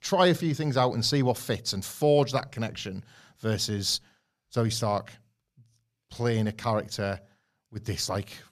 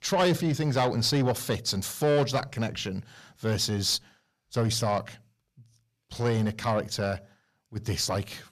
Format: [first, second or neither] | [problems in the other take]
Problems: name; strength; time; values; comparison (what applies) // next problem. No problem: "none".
first | distortion; slight; 10 dB below the speech